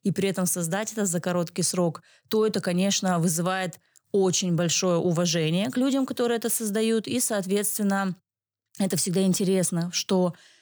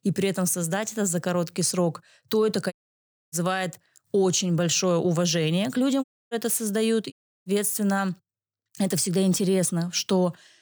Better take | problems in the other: first | audio cutting out; at 2.5 s for 0.5 s, at 6 s and at 7 s

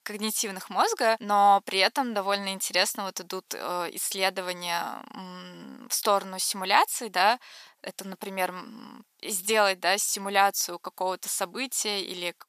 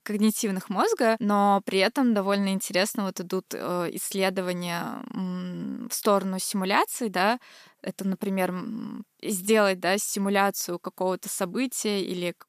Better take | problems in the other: second | thin; somewhat; fading below 950 Hz

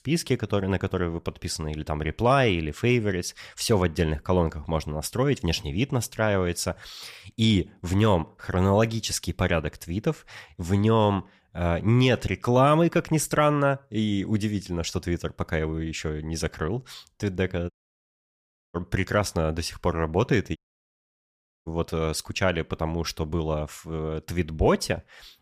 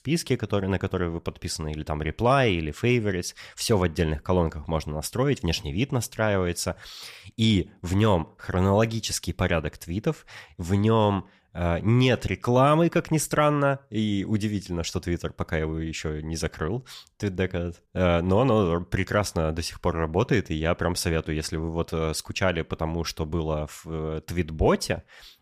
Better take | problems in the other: second | audio cutting out; at 18 s for 1 s and at 21 s for 1 s

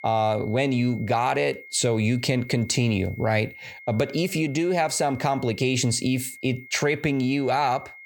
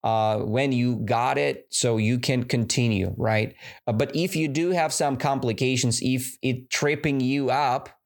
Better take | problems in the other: second | high-pitched whine; noticeable; throughout; 2 kHz, 20 dB below the speech

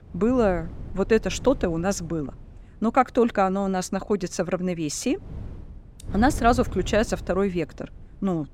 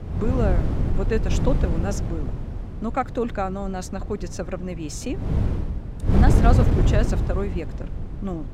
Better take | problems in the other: first | wind noise on the microphone; heavy; 4 dB below the speech; occasional gusts in the first

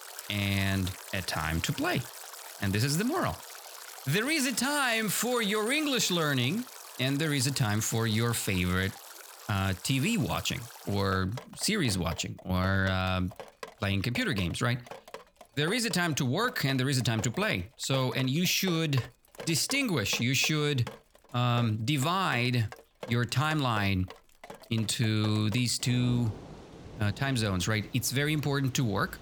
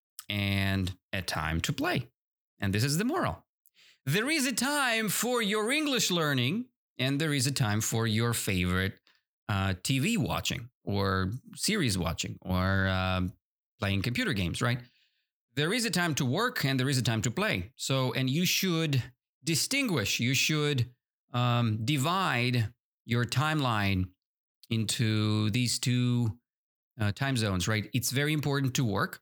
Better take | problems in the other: second | rain or running water; noticeable; throughout; 15 dB below the speech

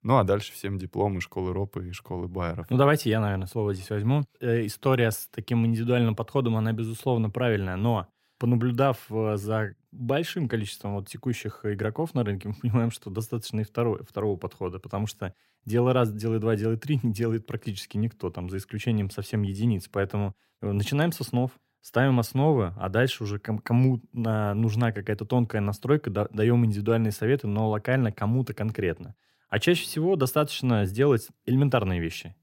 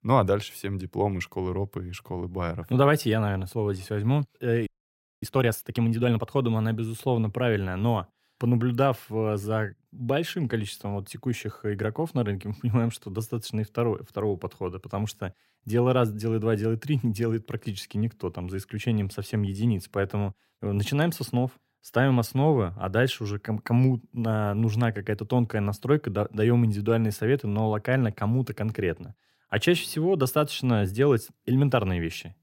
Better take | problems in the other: first | audio freezing; at 4.5 s for 0.5 s

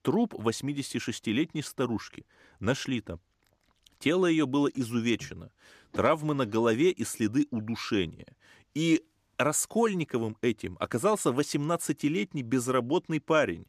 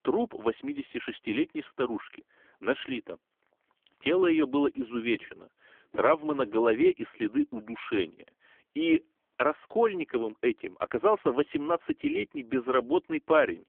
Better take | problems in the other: first | phone-call audio; poor line; nothing above 3.5 kHz

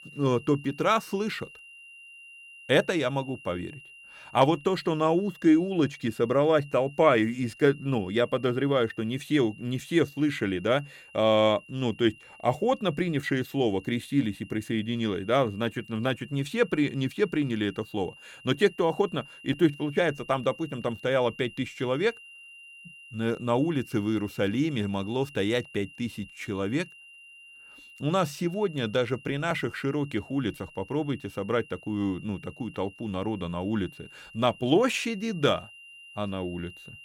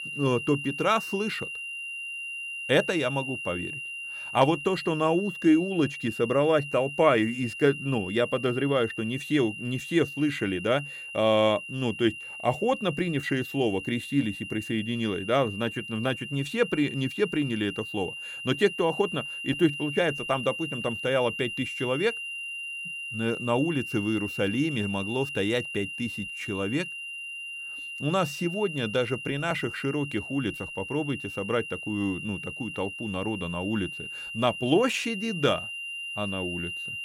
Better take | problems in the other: first | high-pitched whine; loud; throughout; 3 kHz, 7 dB below the speech; faint in the first

